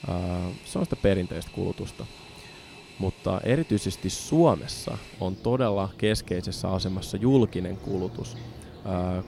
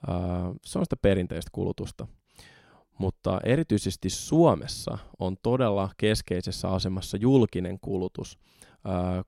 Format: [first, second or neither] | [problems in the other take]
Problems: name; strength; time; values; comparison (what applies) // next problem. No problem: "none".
second | train or aircraft noise; noticeable; throughout; 15 dB below the speech